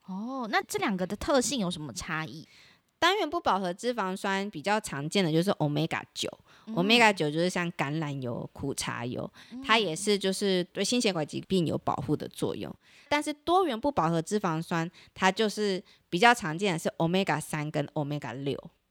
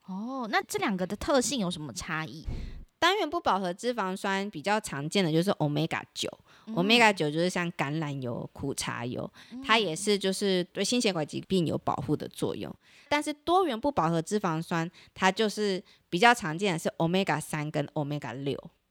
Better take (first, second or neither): first